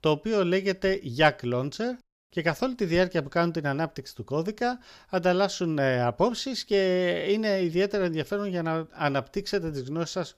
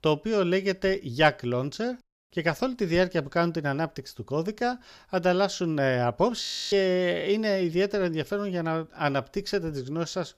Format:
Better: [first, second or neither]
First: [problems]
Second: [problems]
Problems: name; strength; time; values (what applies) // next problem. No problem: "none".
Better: first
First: none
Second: audio freezing; at 6.5 s